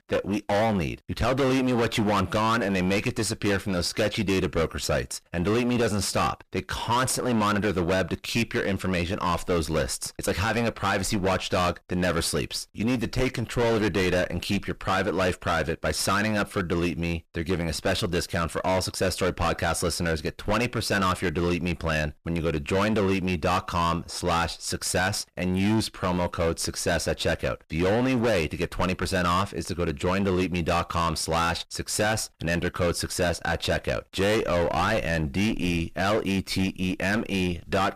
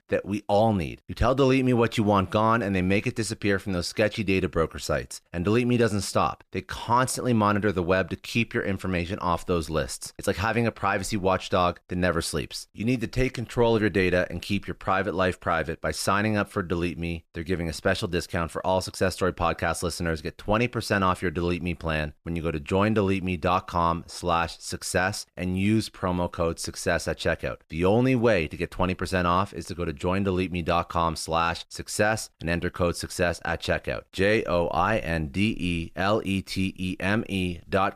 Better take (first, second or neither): second